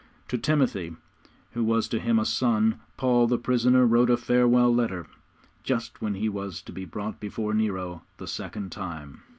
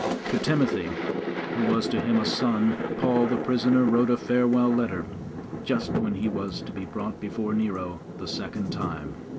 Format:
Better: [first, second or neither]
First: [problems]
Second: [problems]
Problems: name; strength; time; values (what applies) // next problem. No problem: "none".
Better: first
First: none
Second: background sound (Thunder); 5 dB below the speech